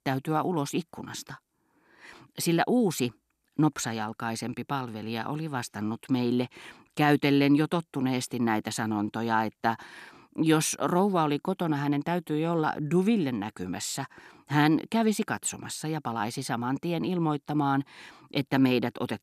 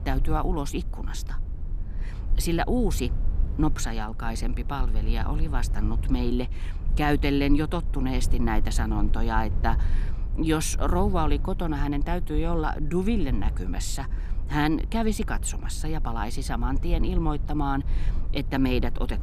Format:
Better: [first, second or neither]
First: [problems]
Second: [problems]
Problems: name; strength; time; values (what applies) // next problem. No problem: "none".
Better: first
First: none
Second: low rumble; noticeable; throughout; 20 dB below the speech